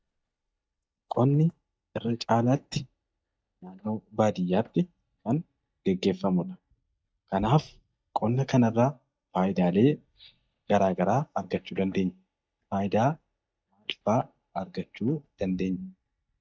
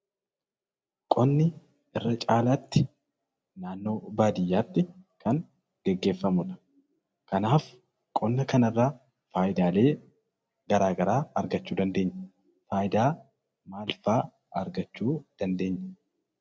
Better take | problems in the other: second | noise reduction (neural mask model DeepFilterNet 3)

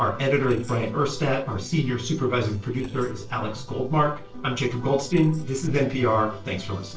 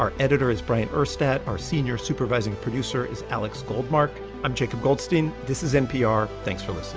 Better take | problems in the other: second | noise reduction (neural separator model SepFormer DNS4)

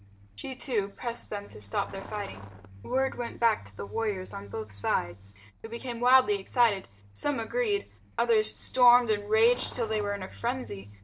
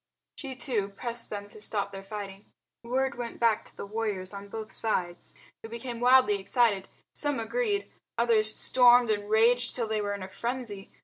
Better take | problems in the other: second | background sound (Truck); 18 dB below the speech

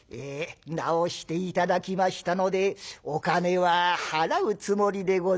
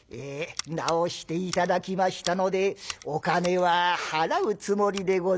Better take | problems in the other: first | background sound (Scissors); 17 dB below the speech

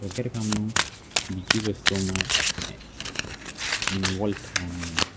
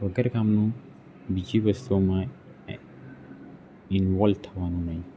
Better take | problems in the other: second | background sound (Domestic sounds, home sounds); 2 dB above the speech

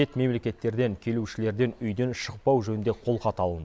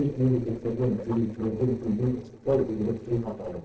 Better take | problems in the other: first | noise reduction (neural separator model SepFormer DNS4)

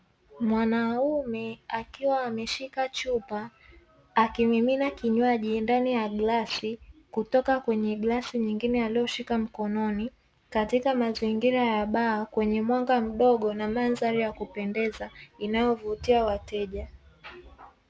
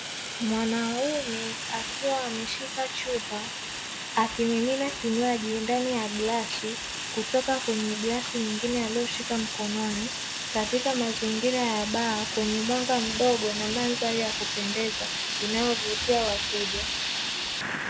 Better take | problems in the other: first | background sound (Fire); 3 dB below the speech

